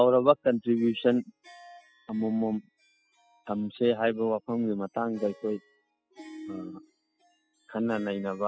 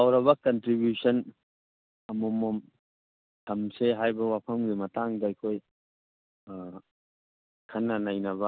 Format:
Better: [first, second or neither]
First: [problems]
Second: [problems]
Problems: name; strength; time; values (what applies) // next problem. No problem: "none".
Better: second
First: noise reduction (classical method spectral subtraction)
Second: none